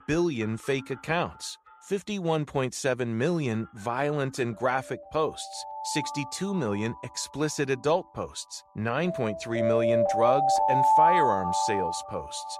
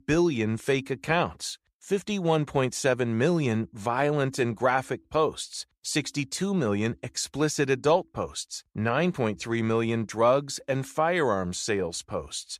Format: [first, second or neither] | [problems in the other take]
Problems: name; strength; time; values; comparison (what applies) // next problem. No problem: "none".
second | alarms or sirens; very loud; throughout; 3 dB above the speech